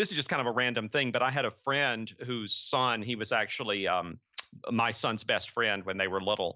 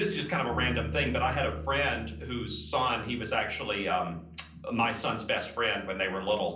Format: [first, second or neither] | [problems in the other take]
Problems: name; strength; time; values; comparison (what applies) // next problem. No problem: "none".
first | background sound (Bass guitar); 11 dB below the speech // room echo; dies away in 0.6 s